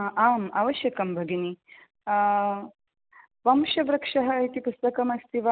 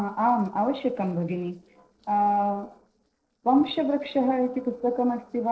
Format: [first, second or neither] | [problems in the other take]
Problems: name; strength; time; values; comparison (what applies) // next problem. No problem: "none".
first | noise reduction (neural separator model SepFormer DNS4)